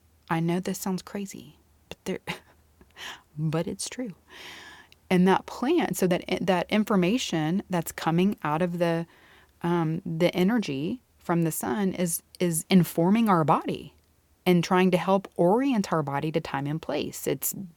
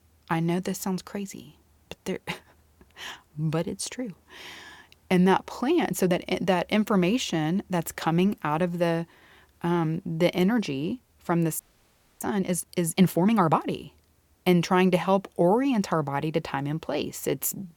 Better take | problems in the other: first | audio freezing; at 12 s for 0.5 s

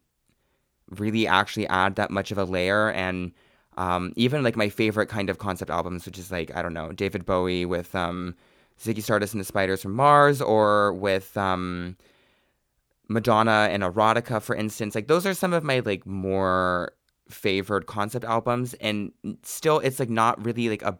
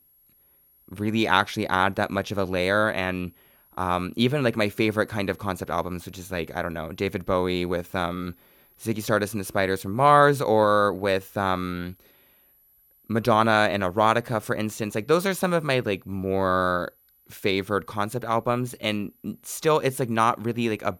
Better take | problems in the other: first | high-pitched whine; faint; throughout; 11.5 kHz, 35 dB below the speech

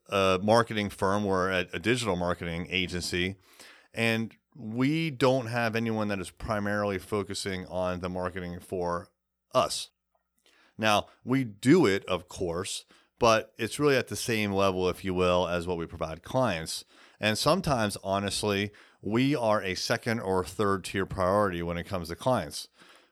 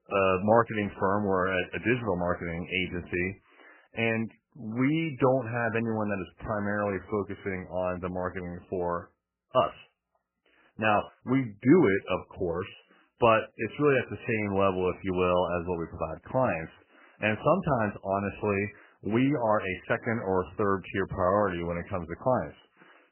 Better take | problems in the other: first | garbled, watery; badly; nothing above 3 kHz

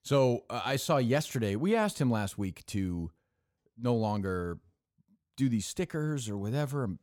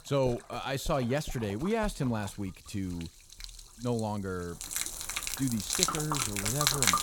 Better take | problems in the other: first | rain or running water; very loud; throughout; 3 dB above the speech

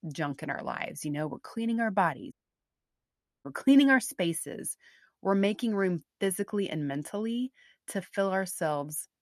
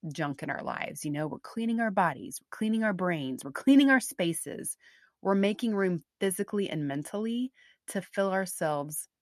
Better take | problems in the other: second | audio cutting out; at 2.5 s for 1 s

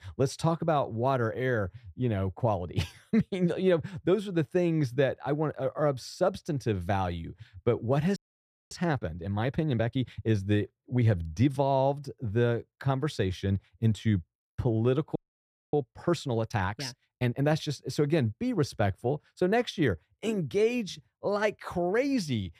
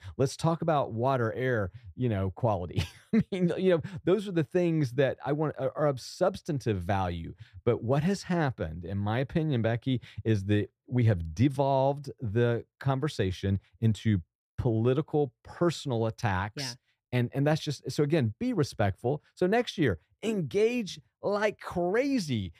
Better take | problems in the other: second | audio freezing; at 8 s for 0.5 s and at 15 s for 0.5 s

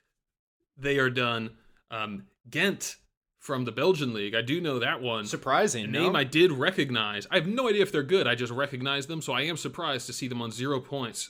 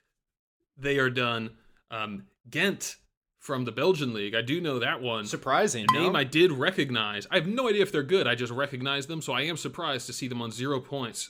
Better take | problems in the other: first | clattering dishes; loud; at 6 s; peak level with the speech

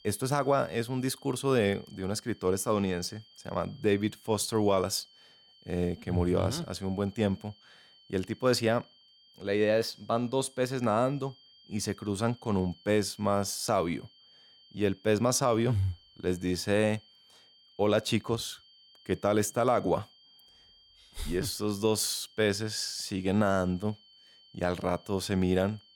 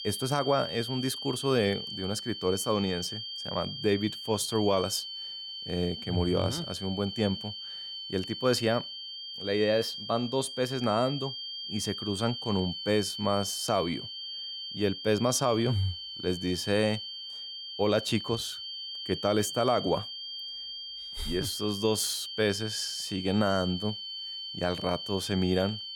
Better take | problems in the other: first | high-pitched whine; loud; throughout; 3 kHz, 7 dB below the speech; faint in the first

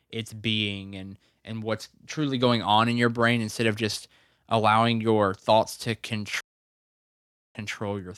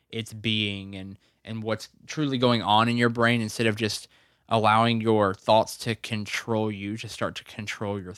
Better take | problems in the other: second | audio cutting out; at 6.5 s for 1 s

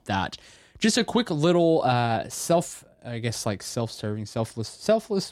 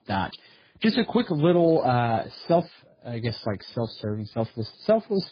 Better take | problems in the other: first | garbled, watery; badly; nothing above 5 kHz

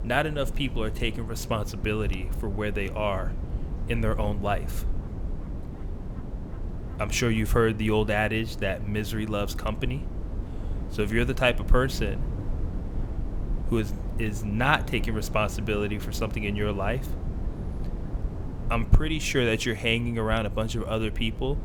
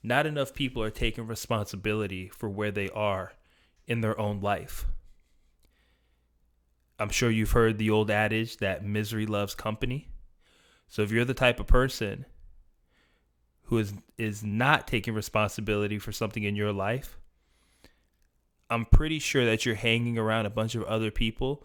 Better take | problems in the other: second | wind noise on the microphone; occasional gusts; 15 dB below the speech

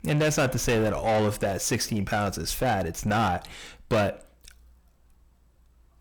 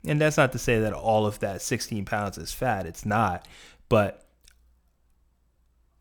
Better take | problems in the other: second | distortion; heavy; 7 dB below the speech

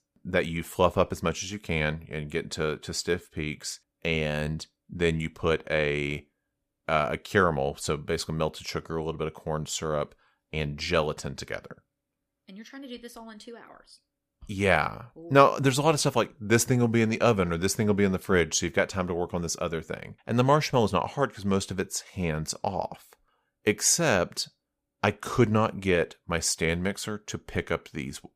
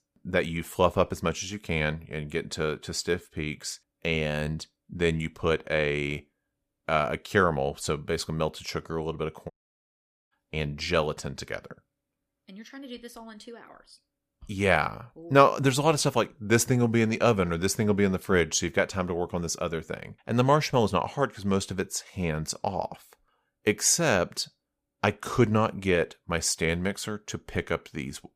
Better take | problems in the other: first | audio cutting out; at 9.5 s for 1 s

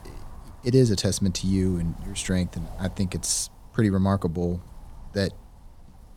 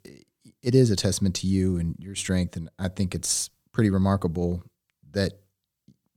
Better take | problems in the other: second | wind noise on the microphone; occasional gusts; 25 dB below the speech

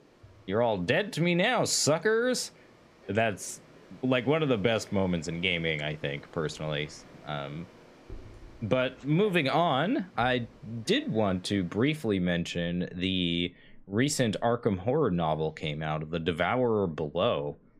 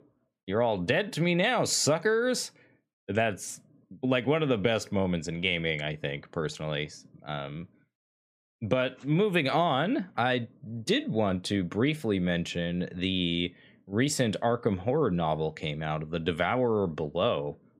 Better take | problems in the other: second | animal sounds; faint; throughout; 25 dB below the speech

